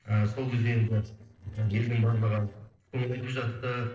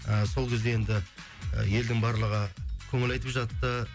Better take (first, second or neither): second